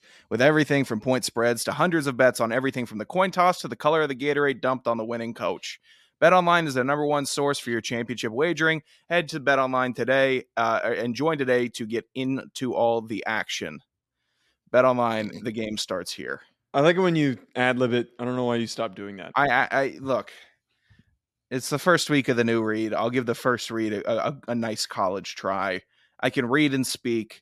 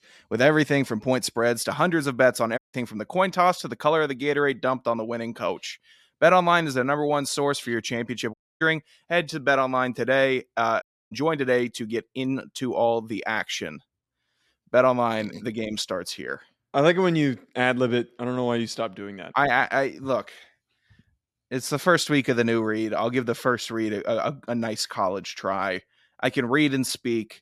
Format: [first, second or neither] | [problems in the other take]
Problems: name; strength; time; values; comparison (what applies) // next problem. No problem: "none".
first | audio cutting out; at 2.5 s, at 8.5 s and at 11 s